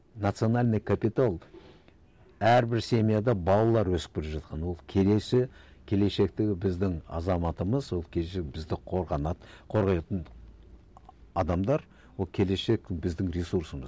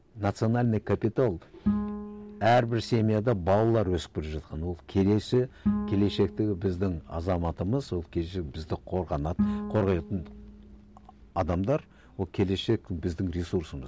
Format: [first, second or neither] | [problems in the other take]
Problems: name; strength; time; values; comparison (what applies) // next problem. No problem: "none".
first | background sound (Bowed string instrument); 9 dB below the speech